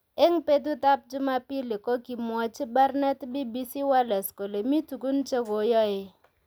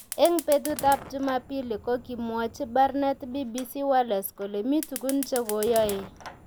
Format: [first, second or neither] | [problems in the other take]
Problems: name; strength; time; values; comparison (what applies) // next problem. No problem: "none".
first | background sound (Fire); 14 dB below the speech